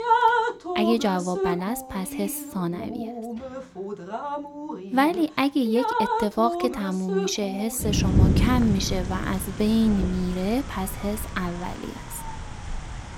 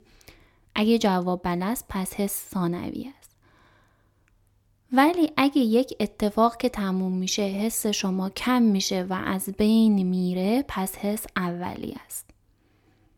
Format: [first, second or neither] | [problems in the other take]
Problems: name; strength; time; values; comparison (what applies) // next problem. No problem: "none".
second | rain or running water; loud; throughout; 3 dB below the speech